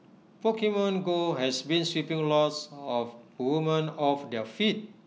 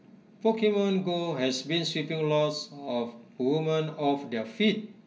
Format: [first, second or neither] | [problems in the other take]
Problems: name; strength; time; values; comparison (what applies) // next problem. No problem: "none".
first | room echo; dies away in 0.2 s